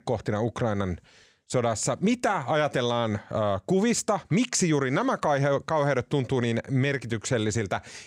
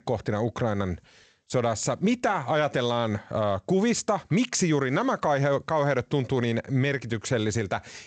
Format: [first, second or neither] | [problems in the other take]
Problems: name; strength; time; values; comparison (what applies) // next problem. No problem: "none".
first | garbled, watery; slightly; nothing above 8 kHz